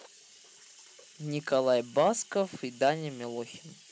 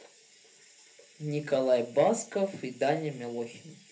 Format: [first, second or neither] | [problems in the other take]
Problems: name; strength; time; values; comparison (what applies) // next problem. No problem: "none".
first | room echo; dies away in 0.3 s